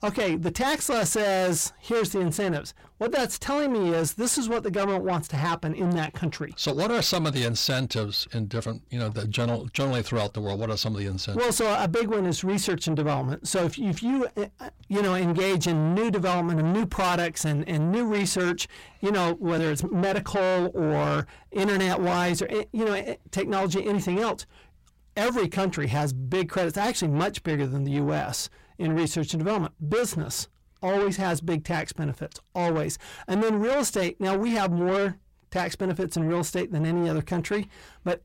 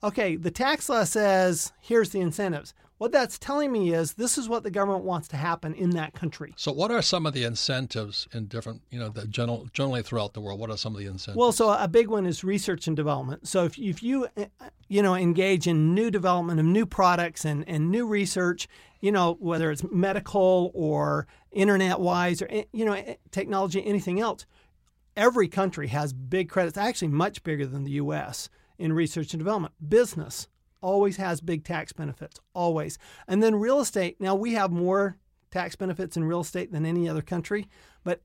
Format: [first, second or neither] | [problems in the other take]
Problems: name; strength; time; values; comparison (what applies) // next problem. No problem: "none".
second | distortion; heavy; 7 dB below the speech